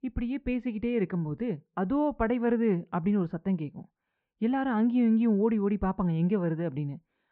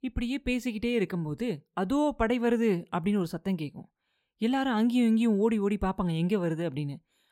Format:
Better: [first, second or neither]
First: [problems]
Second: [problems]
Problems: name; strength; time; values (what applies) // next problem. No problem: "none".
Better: second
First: muffled; very; fading above 2 kHz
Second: none